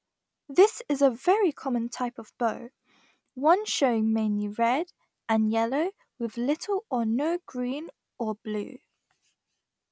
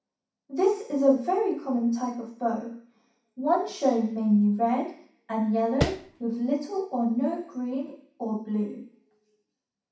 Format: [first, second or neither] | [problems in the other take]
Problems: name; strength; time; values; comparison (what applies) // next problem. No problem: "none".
first | background sound (Tap); 3 dB below the speech // room echo; dies away in 0.6 s